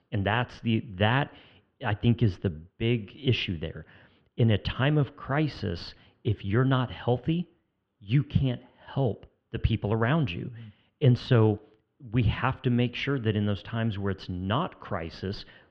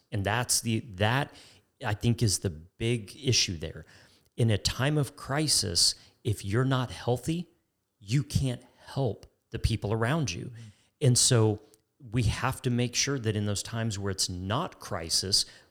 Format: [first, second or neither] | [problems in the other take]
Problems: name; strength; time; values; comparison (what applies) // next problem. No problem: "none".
second | muffled; very; fading above 3 kHz